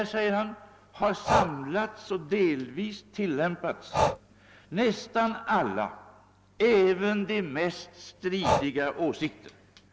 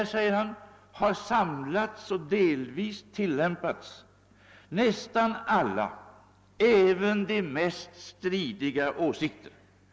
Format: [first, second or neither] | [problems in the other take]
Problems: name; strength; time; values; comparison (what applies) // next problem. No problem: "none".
second | background sound (Breathing); 6 dB below the speech